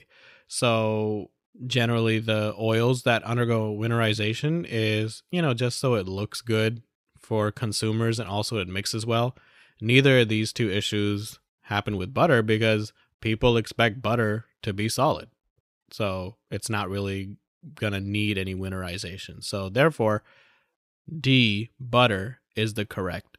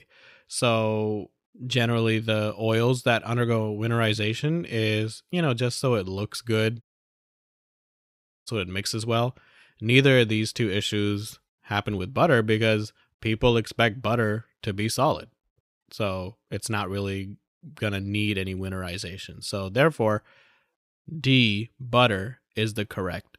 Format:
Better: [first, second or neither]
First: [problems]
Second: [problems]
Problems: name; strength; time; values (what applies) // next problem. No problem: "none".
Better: first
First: none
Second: audio cutting out; at 7 s for 1.5 s